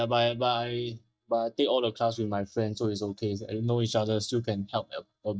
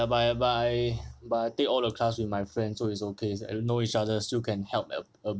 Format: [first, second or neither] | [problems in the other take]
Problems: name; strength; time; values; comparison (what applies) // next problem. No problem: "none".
second | noise reduction (neural mask model DeepFilterNet 3)